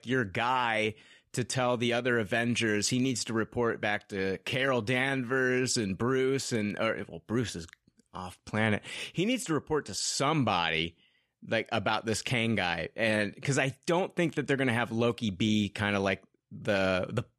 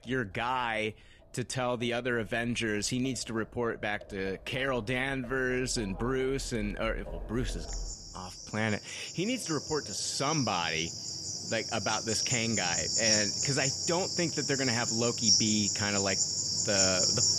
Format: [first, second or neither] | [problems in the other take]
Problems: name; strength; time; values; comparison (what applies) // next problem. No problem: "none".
first | animal sounds; very loud; throughout; 3 dB above the speech